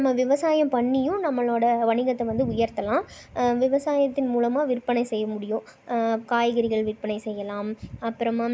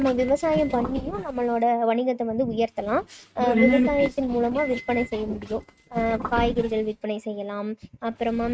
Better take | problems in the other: first | noise reduction (neural mask model RNNoise)

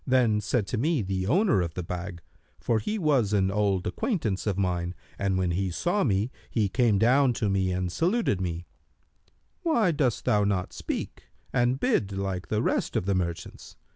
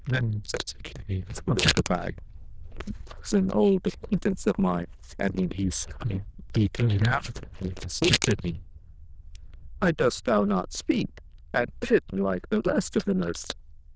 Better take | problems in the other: first | noise reduction (neural diffusion model UNIVERSE++)

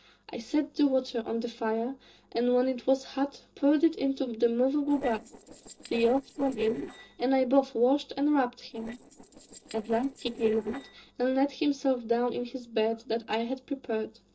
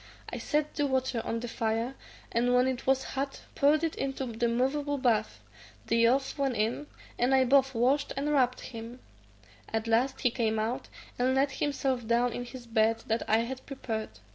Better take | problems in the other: second | noise reduction (neural separator model SepFormer DNS4)

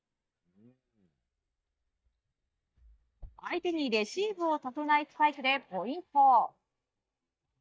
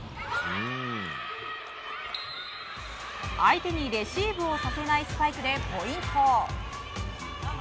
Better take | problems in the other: second | noise reduction (neural mask model DeepFilterNet 3)

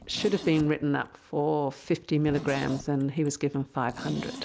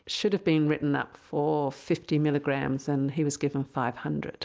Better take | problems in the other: second | background sound (Zipper (clothing)); 15 dB below the speech

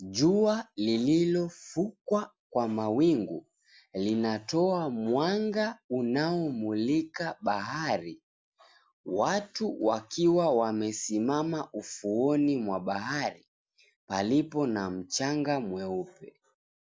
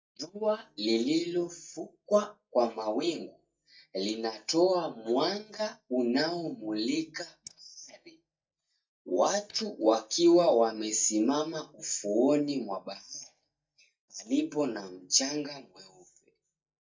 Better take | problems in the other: first | noise reduction (neural mask model DeepFilterNet 3)

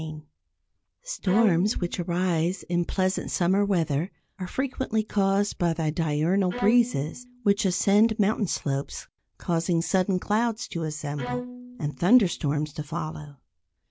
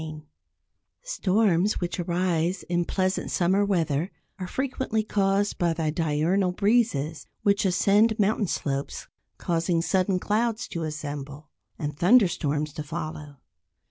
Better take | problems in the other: second | background sound (Bowed string instrument); 13 dB below the speech

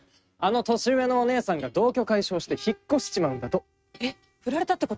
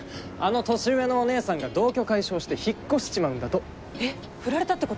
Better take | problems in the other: second | noise reduction (neural mask model RNNoise)

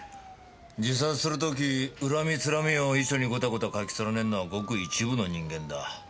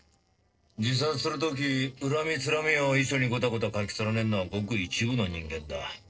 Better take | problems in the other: first | noise reduction (neural separator model SepFormer DNS4)

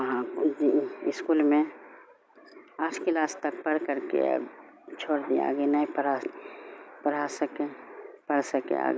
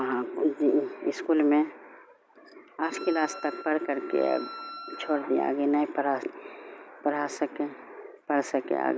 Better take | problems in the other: first | background sound (Wind instrument, woodwind instrument); 15 dB below the speech

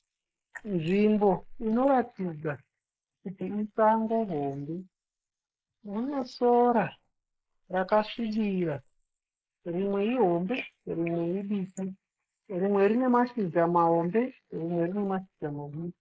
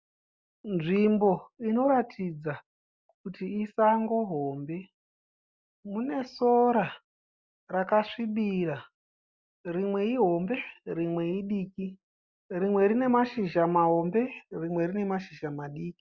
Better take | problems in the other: second | noise reduction (neural mask model Resemble Enhance denoiser)

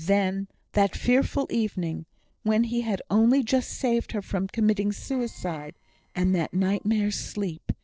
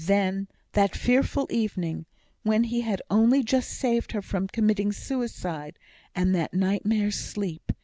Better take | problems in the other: second | noise reduction (neural separator model SepFormer DNS4)

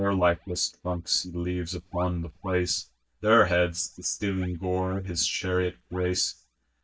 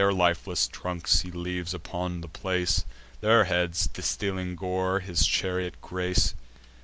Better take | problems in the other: second | noise reduction (neural mask model DeepFilterNet 3)

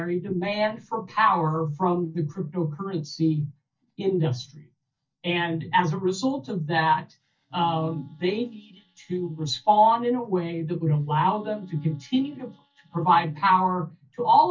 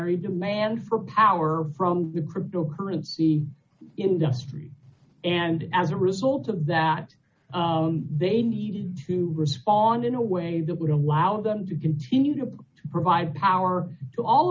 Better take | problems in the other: second | noise reduction (neural mask model DeepFilterNet 3)

